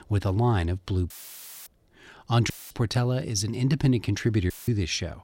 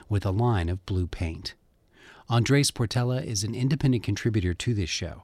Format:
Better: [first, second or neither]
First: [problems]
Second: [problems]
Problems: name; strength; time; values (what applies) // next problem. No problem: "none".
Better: second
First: audio cutting out; filled with static; at 1 s for 0.5 s, at 2.5 s and at 4.5 s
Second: none